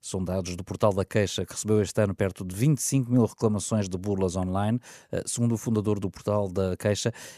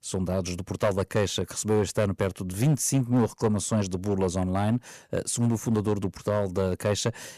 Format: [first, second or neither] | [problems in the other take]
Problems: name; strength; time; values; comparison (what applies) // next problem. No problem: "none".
first | distortion; slight; 4% of the sound clipped